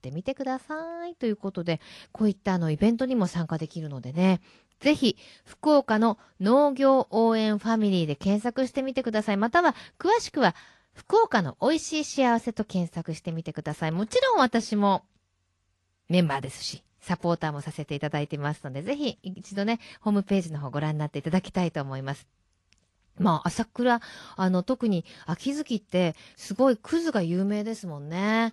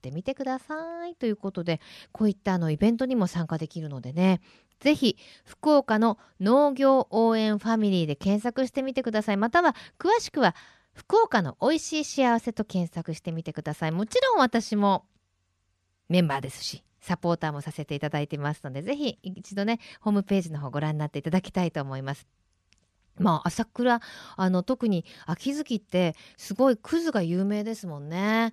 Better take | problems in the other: second | garbled, watery; slightly; nothing above 11 kHz

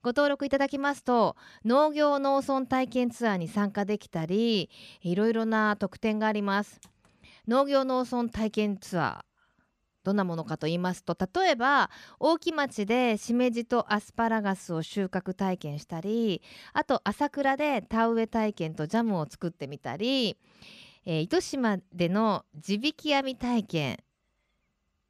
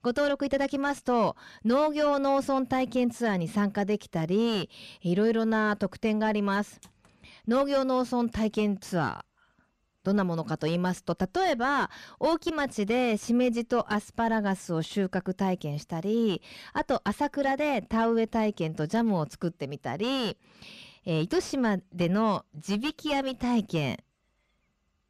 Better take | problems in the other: first | distortion; slight; 10 dB below the speech

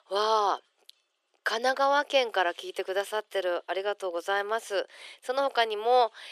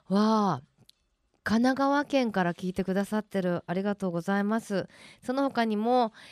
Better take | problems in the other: second | thin; very; fading below 400 Hz

